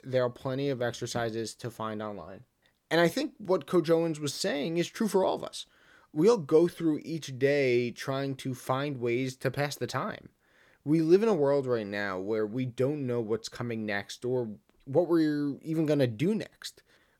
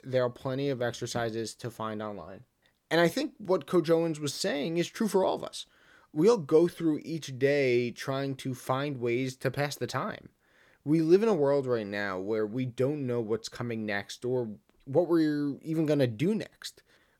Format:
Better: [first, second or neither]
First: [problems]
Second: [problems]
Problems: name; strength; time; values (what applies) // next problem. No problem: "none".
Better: neither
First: none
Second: none